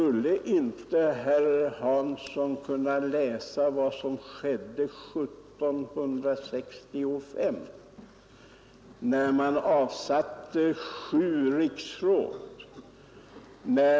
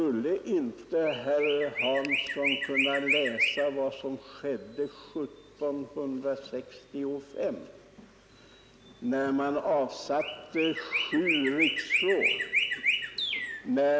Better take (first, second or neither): first